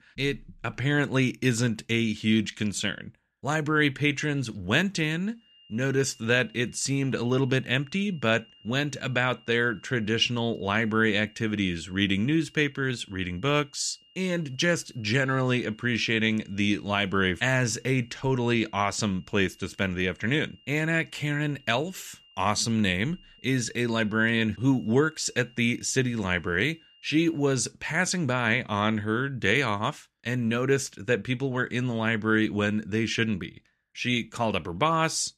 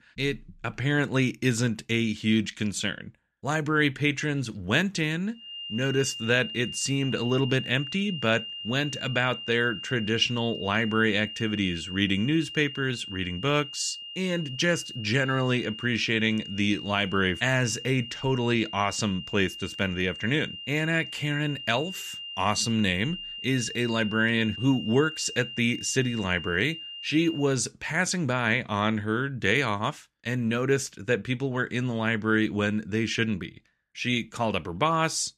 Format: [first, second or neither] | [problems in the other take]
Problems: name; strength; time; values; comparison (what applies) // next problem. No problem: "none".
first | high-pitched whine; loud; from 5.5 to 27 s; 3 kHz, 10 dB below the speech; faint in the first